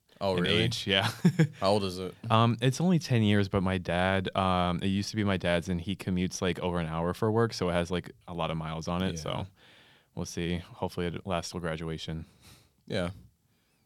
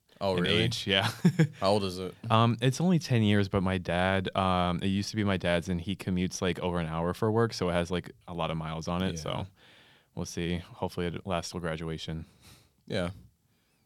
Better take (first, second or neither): neither